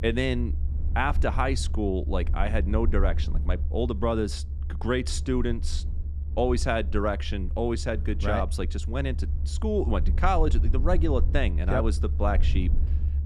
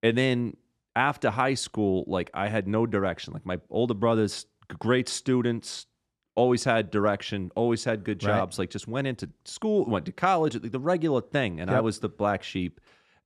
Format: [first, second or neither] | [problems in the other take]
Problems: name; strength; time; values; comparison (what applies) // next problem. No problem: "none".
second | low rumble; noticeable; throughout; 15 dB below the speech